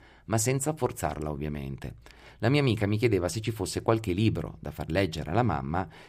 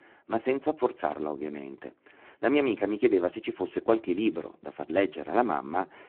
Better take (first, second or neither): first